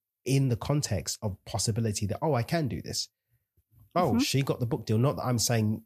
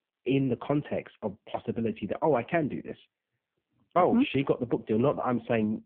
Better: first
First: none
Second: phone-call audio; poor line; nothing above 3.5 kHz

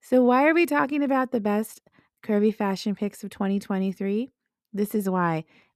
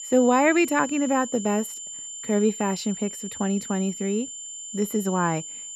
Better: first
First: none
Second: high-pitched whine; loud; throughout; 7 kHz, 10 dB below the speech

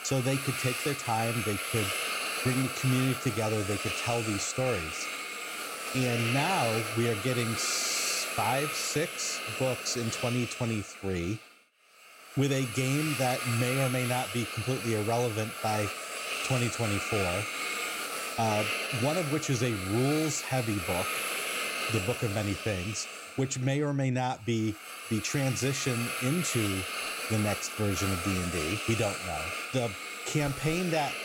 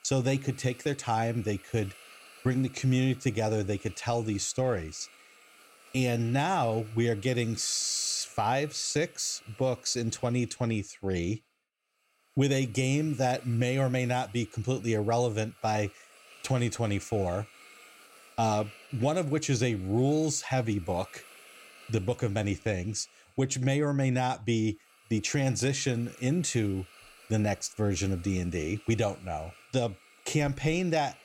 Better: second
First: hiss; loud; throughout; 2 dB below the speech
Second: hiss; faint; throughout; 25 dB below the speech

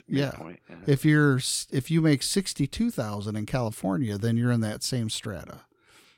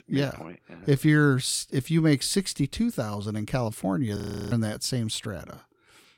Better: first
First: none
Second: audio freezing; at 4 s

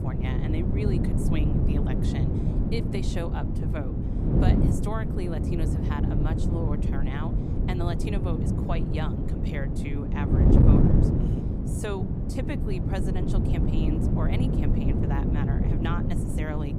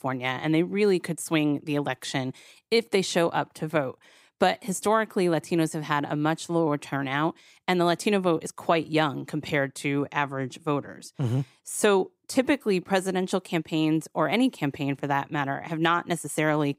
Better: second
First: wind noise on the microphone; heavy; 3 dB above the speech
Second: none

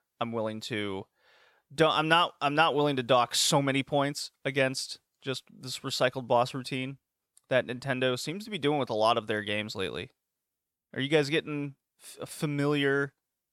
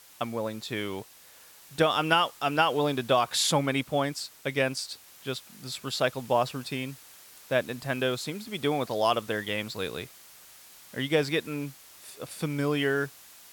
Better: first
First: none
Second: hiss; faint; throughout; 20 dB below the speech

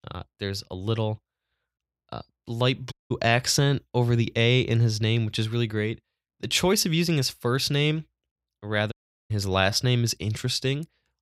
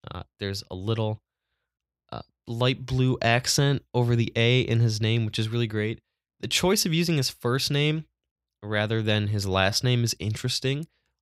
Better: second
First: audio cutting out; at 3 s and at 9 s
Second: none

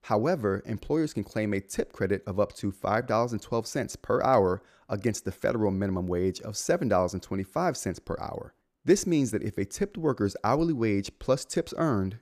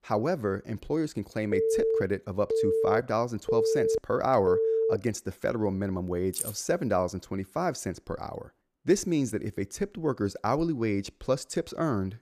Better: first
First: none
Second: phone ringing; loud; from 1.5 to 5 s; peak 4 dB above the speech // jangling keys; noticeable; at 6.5 s; peak 3 dB below the speech

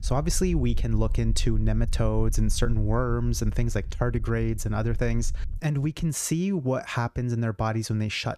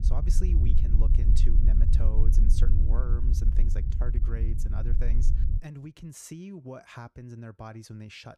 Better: first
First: low rumble; faint; until 5.5 s; 25 dB below the speech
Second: low rumble; loud; until 5.5 s; 1 dB below the speech

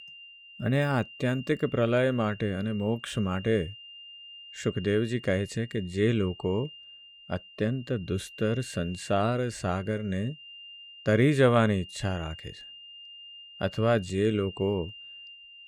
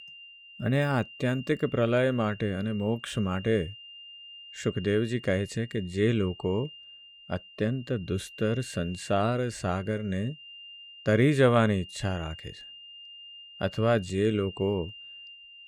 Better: neither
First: high-pitched whine; noticeable; throughout; 3 kHz, 15 dB below the speech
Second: high-pitched whine; noticeable; throughout; 3 kHz, 15 dB below the speech

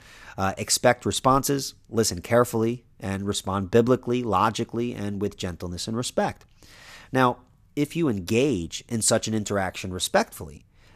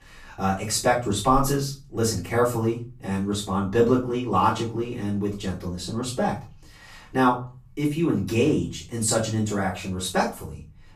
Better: first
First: none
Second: room echo; slight; dies away in 0.3 s // off-mic speech; far

